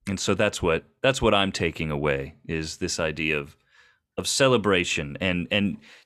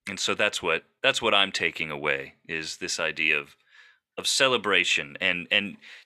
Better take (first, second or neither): first